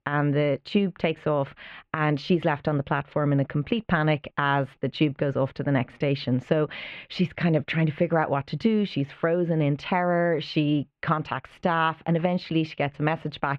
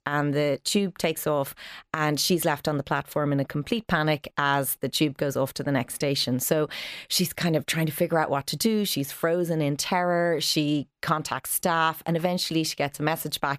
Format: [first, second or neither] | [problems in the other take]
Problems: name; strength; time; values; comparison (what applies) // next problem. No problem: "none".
second | muffled; very; fading above 3 kHz